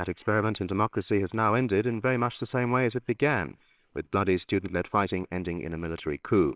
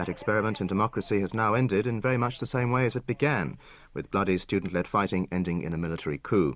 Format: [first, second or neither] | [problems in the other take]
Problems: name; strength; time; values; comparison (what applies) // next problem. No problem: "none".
second | noise reduction (neural separator model SepFormer WHAMR!)